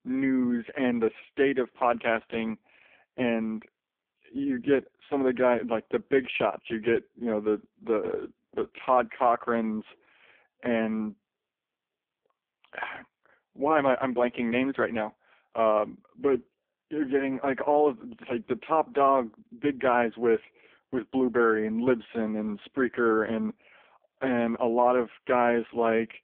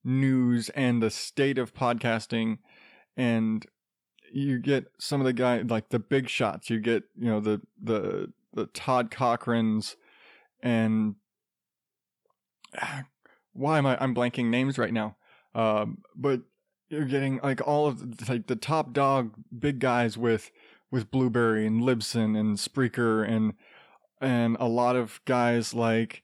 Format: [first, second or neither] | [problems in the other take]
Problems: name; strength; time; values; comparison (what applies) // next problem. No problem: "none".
second | phone-call audio; poor line